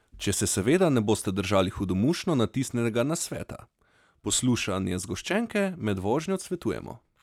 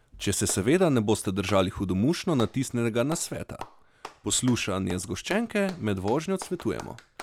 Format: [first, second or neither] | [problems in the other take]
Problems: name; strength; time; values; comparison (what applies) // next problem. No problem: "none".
first | background sound (Clapping); 19 dB below the speech